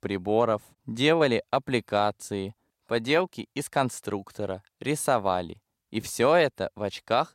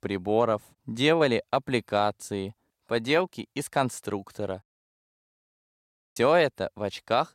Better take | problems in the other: first | audio cutting out; at 4.5 s for 1.5 s

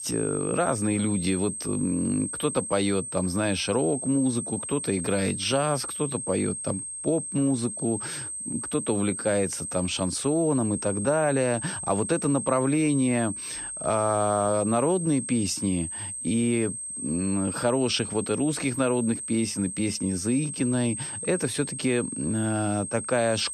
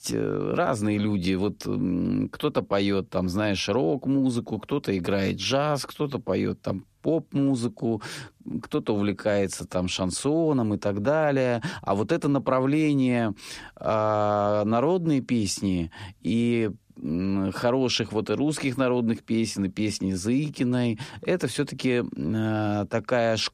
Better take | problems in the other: second | high-pitched whine; loud; throughout; 8.5 kHz, 6 dB below the speech

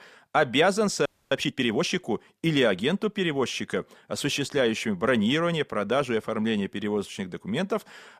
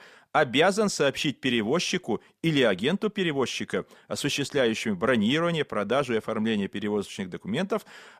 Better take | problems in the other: second | audio freezing; at 1 s

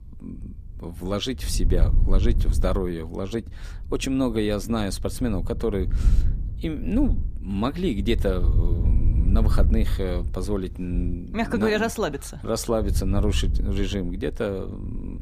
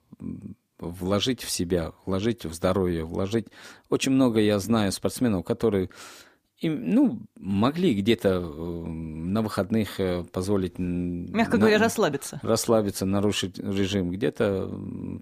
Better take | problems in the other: second | wind noise on the microphone; occasional gusts; 15 dB below the speech

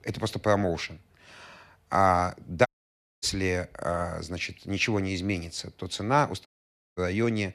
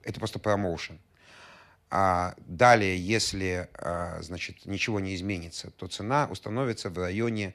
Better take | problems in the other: second | audio cutting out; at 2.5 s for 0.5 s and at 6.5 s for 0.5 s

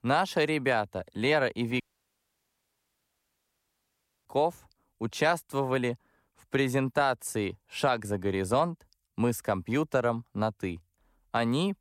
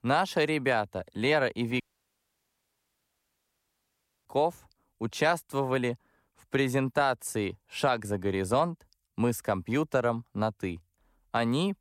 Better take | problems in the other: neither | audio cutting out; at 2 s for 2.5 s; the same in both

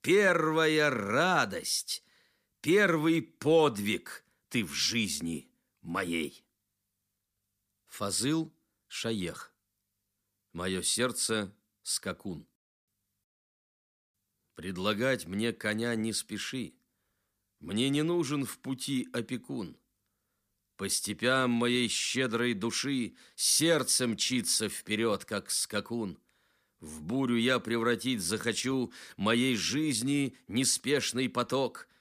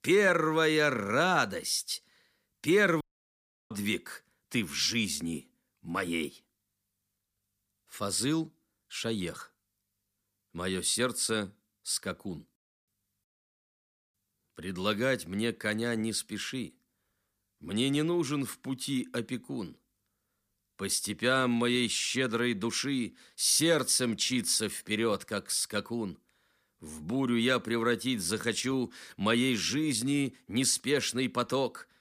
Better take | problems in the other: first | audio cutting out; at 3 s for 0.5 s

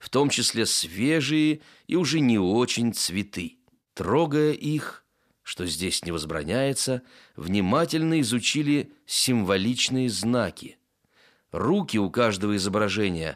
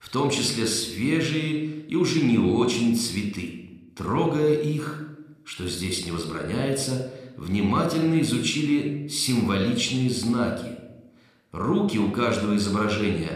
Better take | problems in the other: first | room echo; slight; dies away in 0.7 s

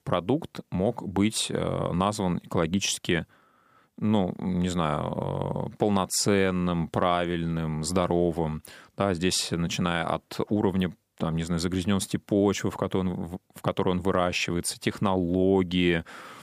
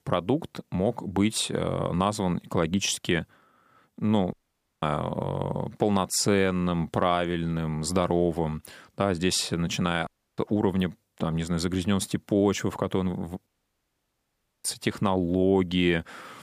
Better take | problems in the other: first | audio cutting out; at 4.5 s, at 10 s and at 13 s for 1 s

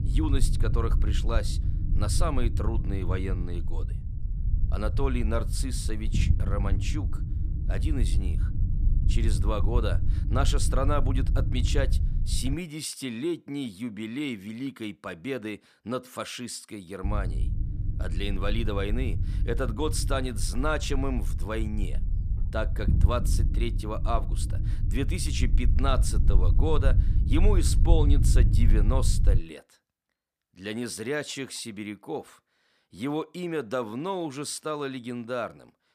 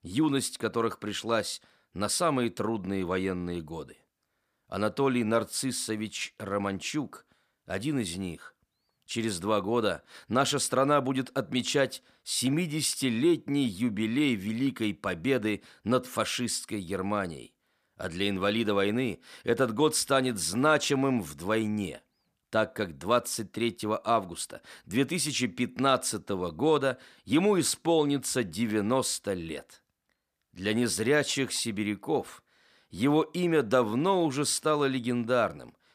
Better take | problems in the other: second | low rumble; noticeable; until 13 s and from 17 to 29 s; 10 dB below the speech

